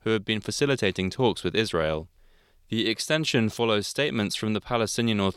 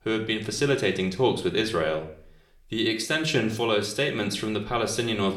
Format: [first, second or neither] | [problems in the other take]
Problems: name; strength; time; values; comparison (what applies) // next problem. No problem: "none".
first | room echo; slight; dies away in 0.5 s // off-mic speech; somewhat distant